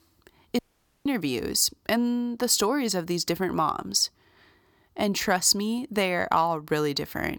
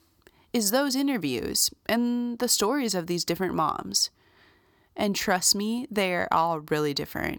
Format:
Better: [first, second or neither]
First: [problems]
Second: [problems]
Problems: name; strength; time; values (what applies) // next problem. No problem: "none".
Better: second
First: audio cutting out; at 0.5 s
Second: none